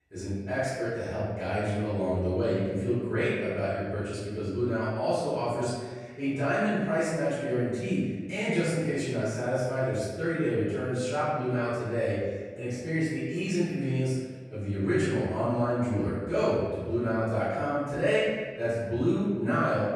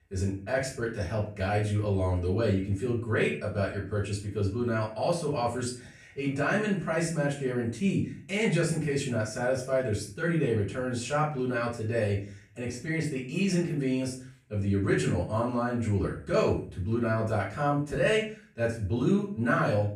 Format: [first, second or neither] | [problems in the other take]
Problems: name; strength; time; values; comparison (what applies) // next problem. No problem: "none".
second | room echo; strong; dies away in 1.4 s; slight in the second // off-mic speech; far; far in the second